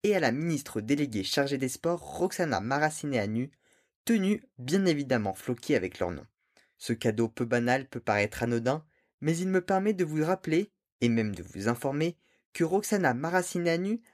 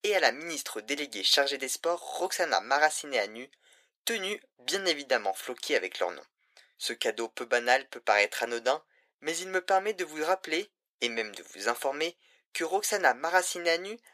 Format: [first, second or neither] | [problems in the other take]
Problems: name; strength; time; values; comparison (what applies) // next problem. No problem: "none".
first | thin; very; fading below 500 Hz